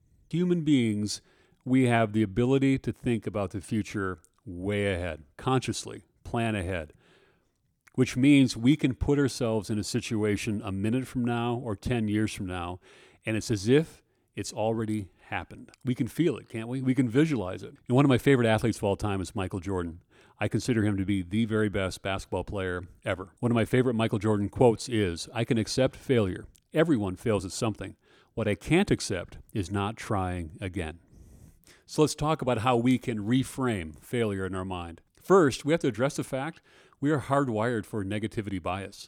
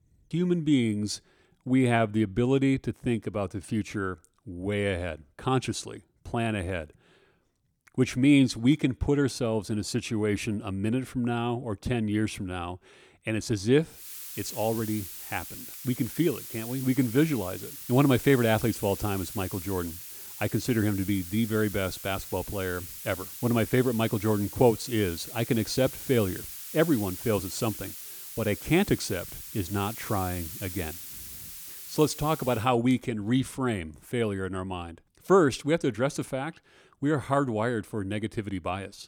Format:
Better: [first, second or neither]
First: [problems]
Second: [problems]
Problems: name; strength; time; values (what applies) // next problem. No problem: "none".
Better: first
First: none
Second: hiss; noticeable; from 14 to 33 s; 10 dB below the speech